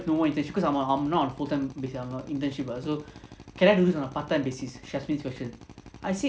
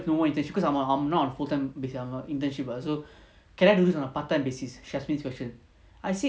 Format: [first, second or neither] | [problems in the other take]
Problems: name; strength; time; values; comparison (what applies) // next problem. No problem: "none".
second | background sound (Drill); 20 dB below the speech